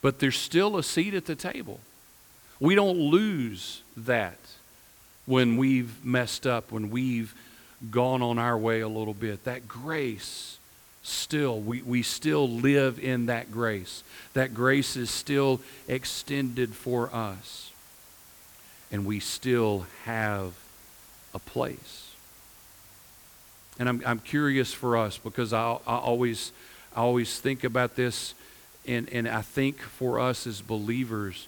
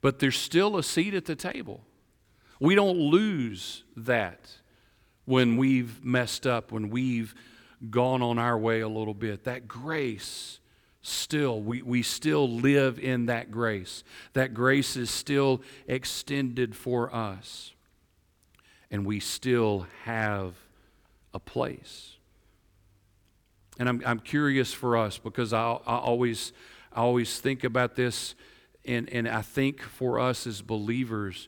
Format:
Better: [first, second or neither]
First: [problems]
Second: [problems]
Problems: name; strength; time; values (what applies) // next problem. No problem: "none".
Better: second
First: hiss; faint; throughout; 25 dB below the speech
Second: none